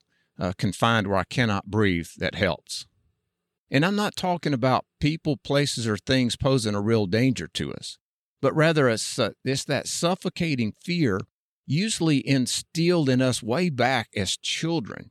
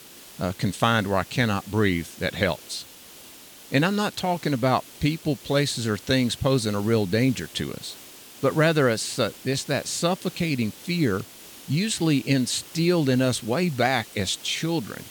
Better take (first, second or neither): first